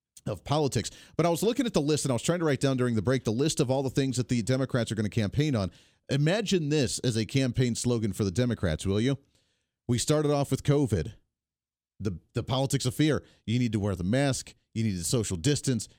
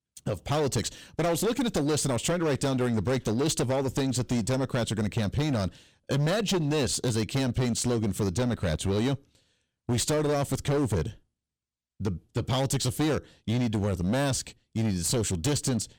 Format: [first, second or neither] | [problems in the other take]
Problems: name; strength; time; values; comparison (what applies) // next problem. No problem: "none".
first | distortion; heavy; 17% of the sound clipped